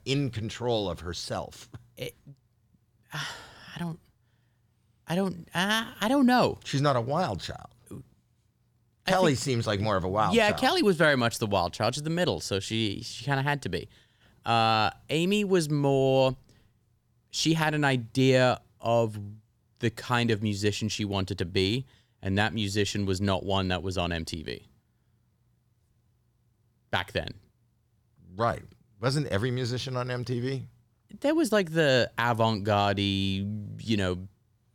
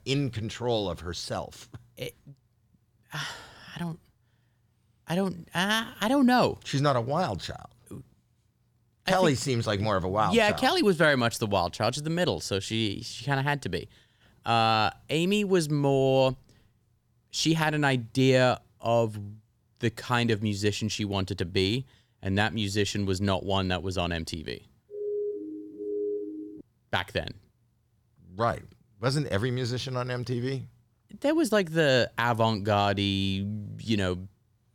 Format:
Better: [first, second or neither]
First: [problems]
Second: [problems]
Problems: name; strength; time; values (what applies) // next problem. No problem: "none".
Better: first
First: none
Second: siren; noticeable; from 25 to 27 s; peak 5 dB below the speech